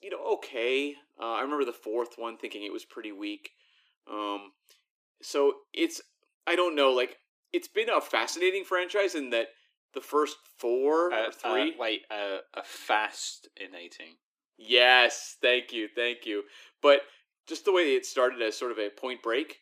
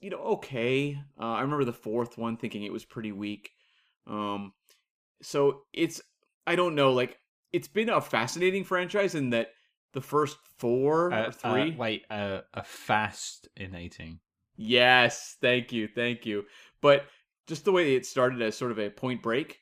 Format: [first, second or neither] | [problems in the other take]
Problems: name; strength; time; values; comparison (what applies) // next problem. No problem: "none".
second | thin; somewhat; fading below 300 Hz